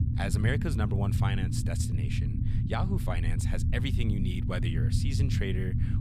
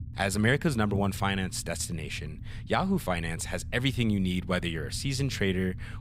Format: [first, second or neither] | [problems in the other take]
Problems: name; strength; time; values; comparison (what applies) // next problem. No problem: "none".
second | low rumble; loud; throughout; 5 dB below the speech; faint in the second